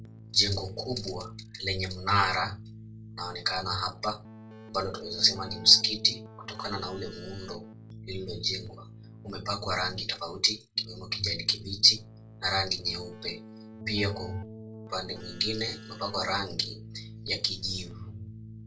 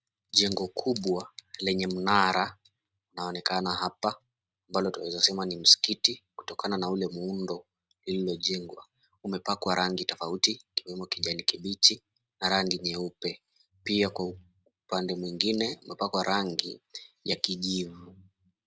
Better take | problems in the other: second | background sound (Keyboard (musical)); 14 dB below the speech // room echo; dies away in 0.2 s

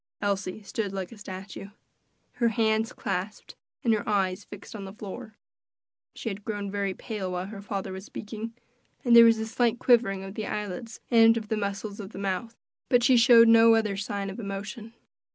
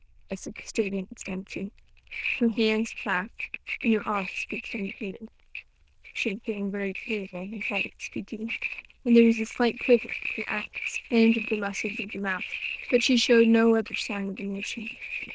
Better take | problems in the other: first | noise reduction (neural diffusion model UNIVERSE++)

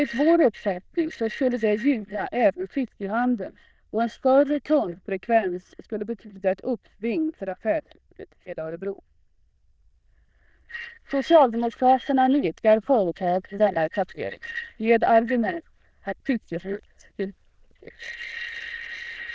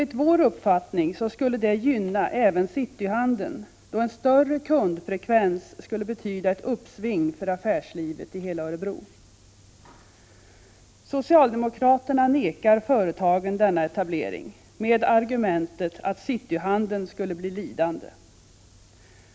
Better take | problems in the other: second | noise reduction (neural diffusion model UNIVERSE++)

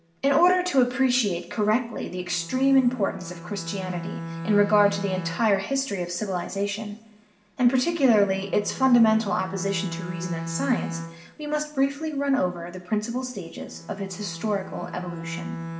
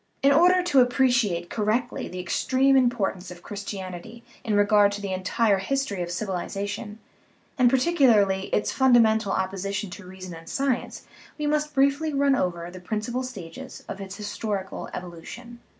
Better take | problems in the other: second | background sound (Bowed string instrument); 12 dB below the speech // room echo; dies away in 0.8 s

